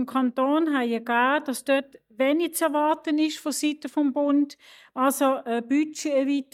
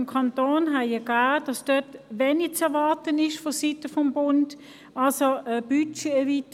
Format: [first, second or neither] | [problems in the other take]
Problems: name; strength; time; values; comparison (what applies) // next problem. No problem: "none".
second | noise reduction (neural mask model DeepFilterNet 3)